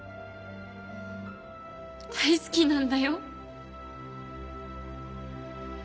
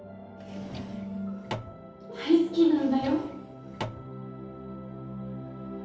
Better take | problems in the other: first | background sound (Drawer open or close); 11 dB below the speech // room echo; dies away in 0.8 s

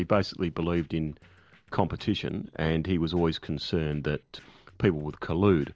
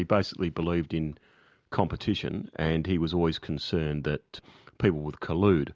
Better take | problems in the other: second | noise reduction (neural separator model SepFormer DNS4)

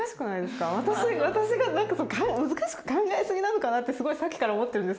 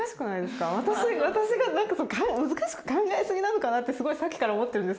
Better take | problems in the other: second | background sound (Bowed string instrument); 20 dB below the speech

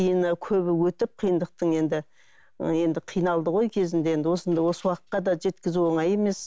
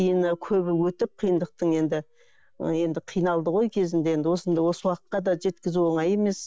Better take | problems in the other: first | noise reduction (neural mask model DeepFilterNet 3)

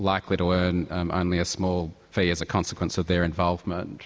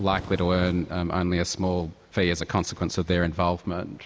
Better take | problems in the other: first | background sound (Fire / Fireworks); 19 dB below the speech

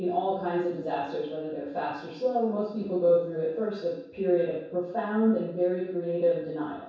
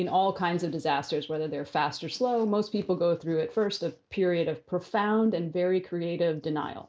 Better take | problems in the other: second | room echo; dies away in 0.7 s

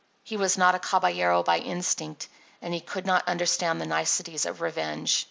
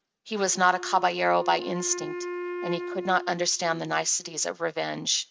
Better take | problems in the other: first | noise reduction (neural mask model RNNoise)

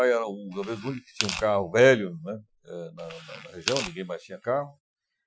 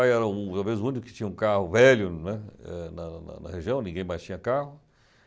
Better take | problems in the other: second | noise reduction (classical method Wiener filter)

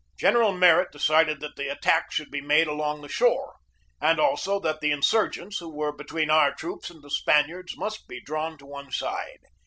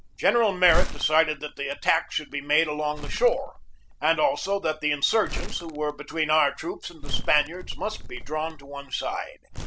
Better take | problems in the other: first | background sound (Crumpling, crinkling); 6 dB below the speech

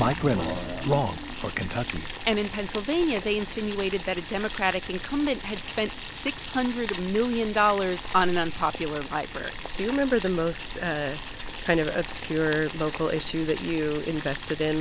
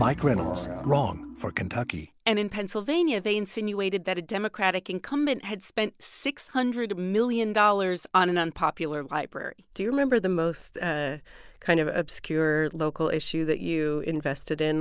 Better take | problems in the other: second | background sound (Boiling); 8 dB below the speech

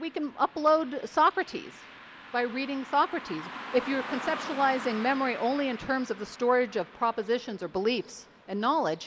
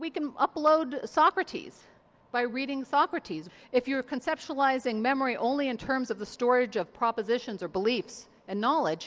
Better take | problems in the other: second | background sound (Car passing by); 14 dB below the speech

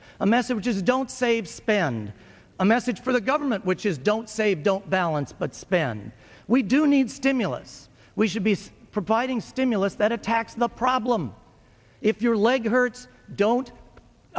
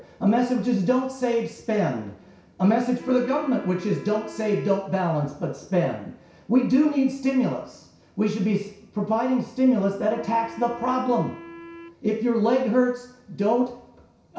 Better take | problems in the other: first | background sound (Wind instrument, woodwind instrument); 18 dB below the speech // room echo; dies away in 0.6 s

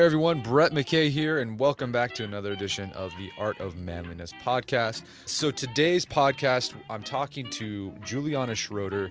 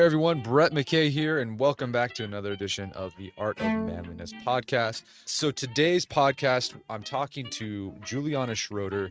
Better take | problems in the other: first | noise reduction (neural mask model RNNoise)

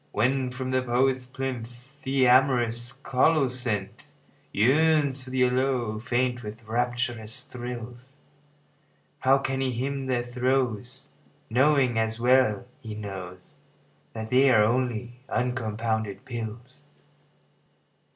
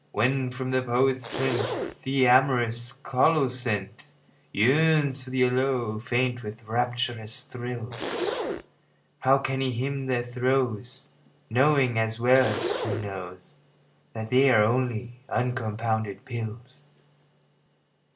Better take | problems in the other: first | background sound (Zipper (clothing)); 8 dB below the speech

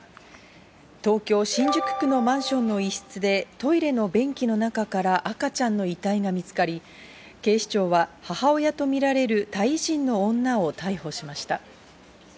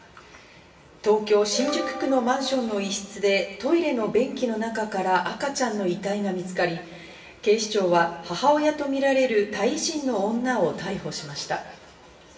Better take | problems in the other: first | room echo; dies away in 1 s

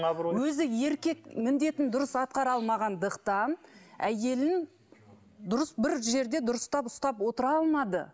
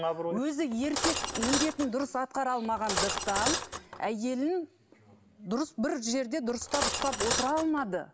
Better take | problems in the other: first | background sound (Cutlery, silverware); 2 dB below the speech

